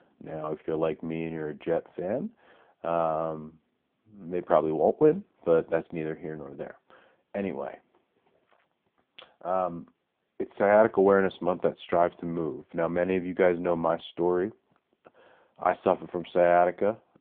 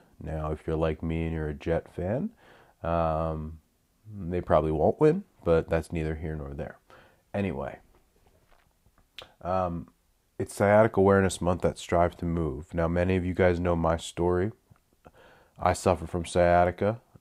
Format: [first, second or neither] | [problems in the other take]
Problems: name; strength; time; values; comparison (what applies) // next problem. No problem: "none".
second | phone-call audio; poor line; nothing above 3.5 kHz